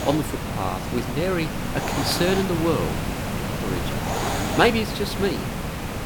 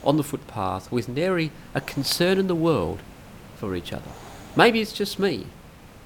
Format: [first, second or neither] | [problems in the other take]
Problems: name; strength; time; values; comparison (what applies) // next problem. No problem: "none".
second | hiss; loud; throughout; 2 dB below the speech; faint in the second